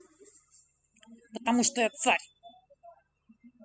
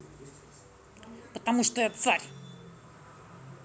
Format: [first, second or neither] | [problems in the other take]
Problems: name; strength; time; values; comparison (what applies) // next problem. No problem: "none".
second | noise reduction (classical method spectral subtraction)